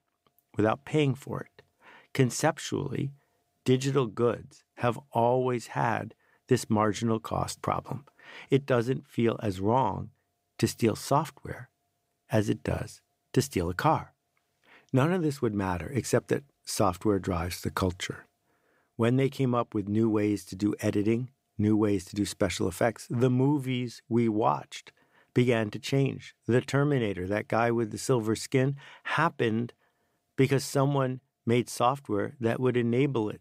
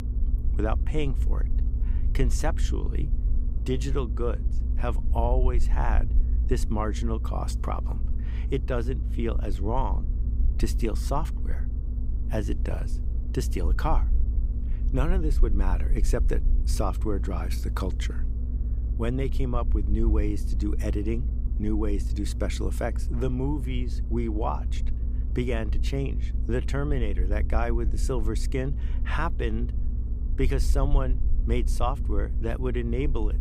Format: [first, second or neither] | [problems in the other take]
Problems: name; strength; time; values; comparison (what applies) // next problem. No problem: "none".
first | low rumble; noticeable; throughout; 15 dB below the speech